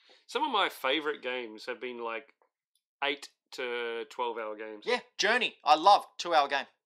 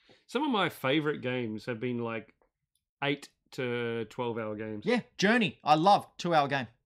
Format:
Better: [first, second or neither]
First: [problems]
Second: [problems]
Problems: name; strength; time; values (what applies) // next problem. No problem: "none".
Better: second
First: thin; very; fading below 400 Hz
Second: none